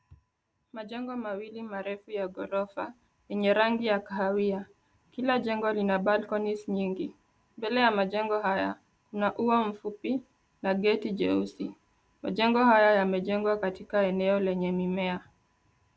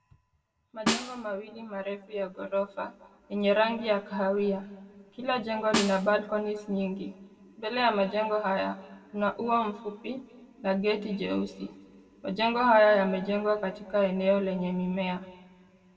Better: first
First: none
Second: background sound (Snare drum); 6 dB below the speech // room echo; dies away in 1.4 s

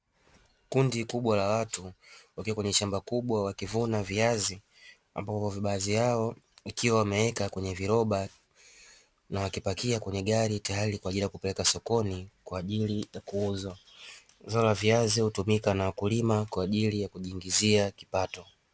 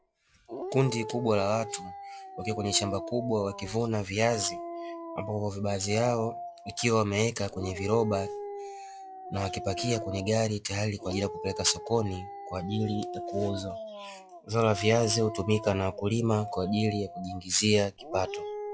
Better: first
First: none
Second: noise reduction (classical method log-MMSE)

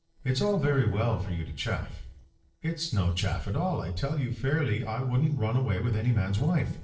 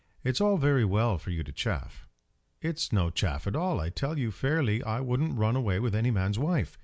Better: second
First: noise reduction (neural separator model SepFormer DNS4)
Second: none

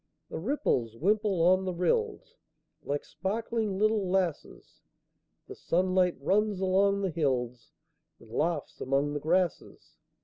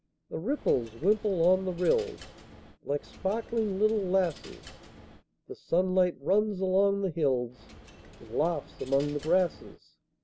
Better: first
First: none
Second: background sound (Coin (dropping)); 20 dB below the speech

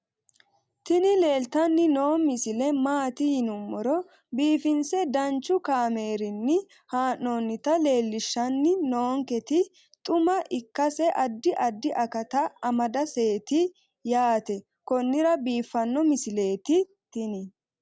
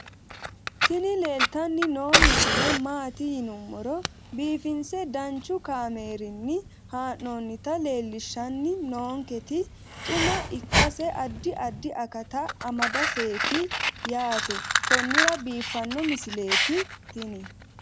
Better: first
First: none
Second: background sound (Fire); 1 dB above the speech

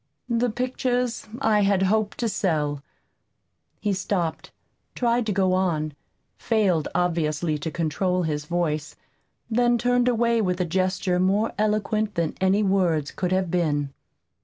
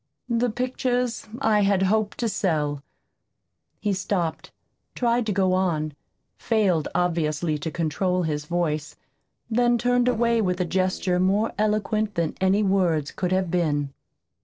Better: first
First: none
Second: noise reduction (neural separator model SepFormer DNS4)

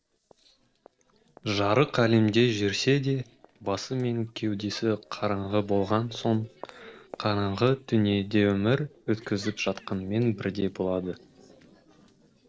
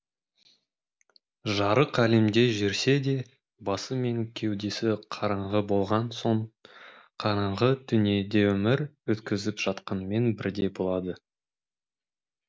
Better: second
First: noise reduction (neural separator model SepFormer DNS4)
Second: none

